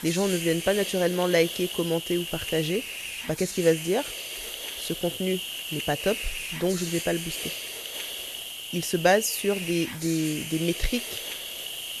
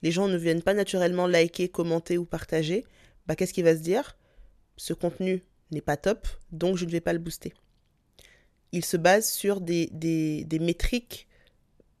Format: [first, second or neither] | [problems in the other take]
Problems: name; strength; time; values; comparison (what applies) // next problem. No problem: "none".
second | hiss; loud; throughout; 6 dB below the speech